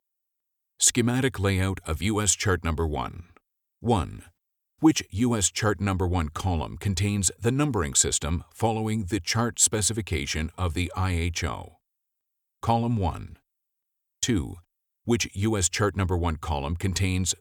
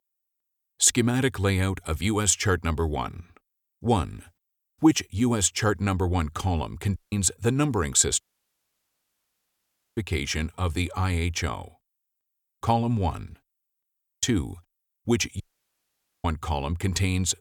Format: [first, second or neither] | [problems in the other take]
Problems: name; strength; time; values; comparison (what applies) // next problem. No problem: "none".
first | audio cutting out; at 7 s, at 8 s for 2 s and at 15 s for 1 s